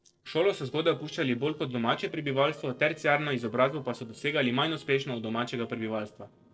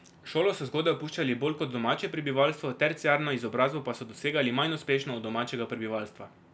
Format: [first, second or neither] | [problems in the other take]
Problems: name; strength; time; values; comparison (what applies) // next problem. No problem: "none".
second | noise reduction (neural separator model SepFormer DNS4)